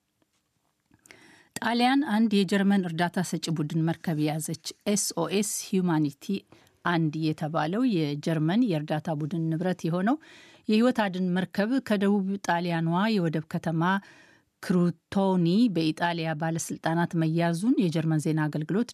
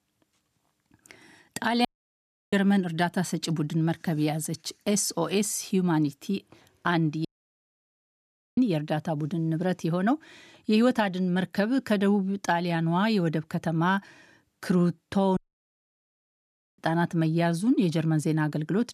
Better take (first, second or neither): first